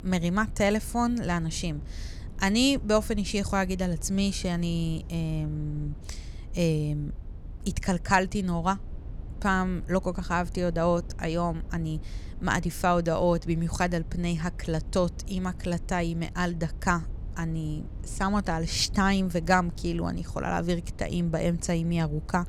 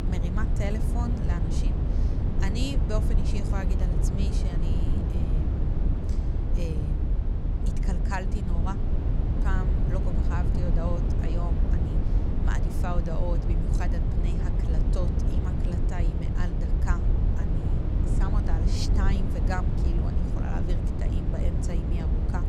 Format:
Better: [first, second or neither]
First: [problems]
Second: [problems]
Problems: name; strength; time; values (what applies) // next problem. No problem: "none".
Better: first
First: low rumble; faint; throughout; 25 dB below the speech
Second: low rumble; loud; throughout; 1 dB below the speech